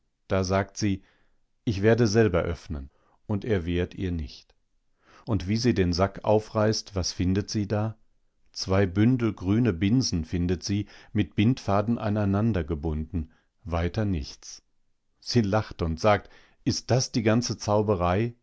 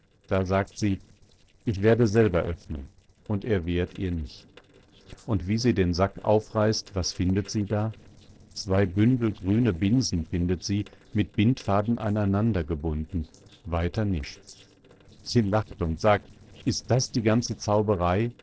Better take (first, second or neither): first